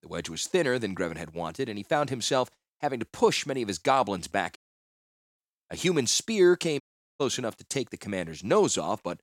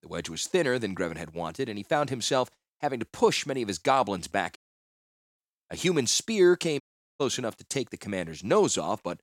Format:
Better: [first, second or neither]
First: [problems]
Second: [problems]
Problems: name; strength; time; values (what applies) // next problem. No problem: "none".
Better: neither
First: audio cutting out; at 4.5 s for 1 s and at 7 s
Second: audio cutting out; at 4.5 s for 1 s and at 7 s